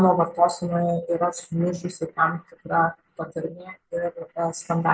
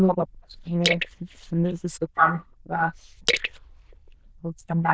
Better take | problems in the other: first | noise reduction (neural diffusion model UNIVERSE++)

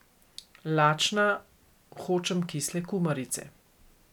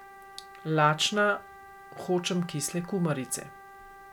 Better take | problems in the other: first | background sound (Wind instrument, woodwind instrument); 18 dB below the speech

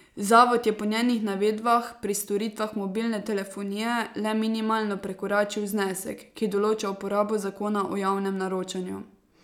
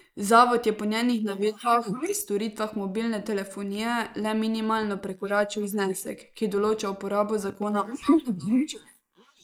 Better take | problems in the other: first | noise reduction (neural mask model Resemble Enhance denoiser)

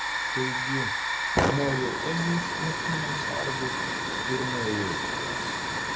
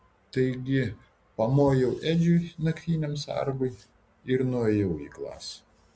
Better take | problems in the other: second | background sound (Hiss / Fire); 4 dB above the speech

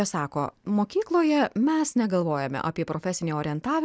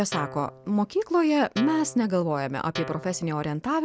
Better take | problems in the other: first | background sound (Guitar); 14 dB below the speech

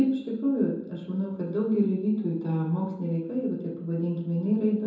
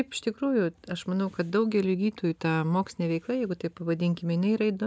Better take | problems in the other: second | room echo; dies away in 0.9 s

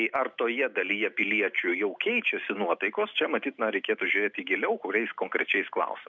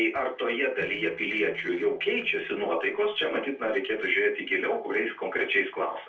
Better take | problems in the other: first | noise reduction (neural separator model SepFormer DNS4)

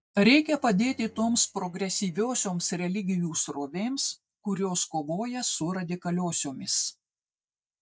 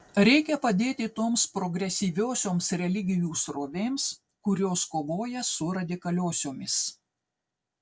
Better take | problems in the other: second | noise reduction (neural mask model DeepFilterNet 3)

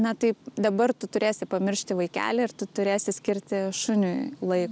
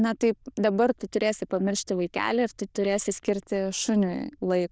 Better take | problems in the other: first | noise reduction (neural diffusion model UNIVERSE++)

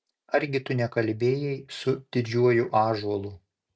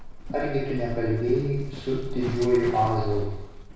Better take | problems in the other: first | background sound (Livestock, farm animals, working animals); 7 dB below the speech // room echo; dies away in 1.1 s

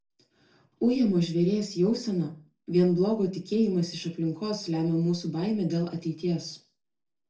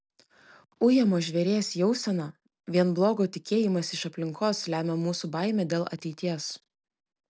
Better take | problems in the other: second | room echo; dies away in 0.3 s

